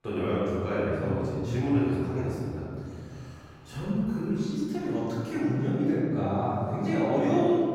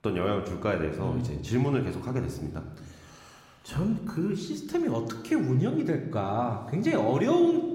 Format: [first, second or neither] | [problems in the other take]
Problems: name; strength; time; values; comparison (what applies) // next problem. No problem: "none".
second | room echo; strong; dies away in 2.4 s; slight in the second // off-mic speech; far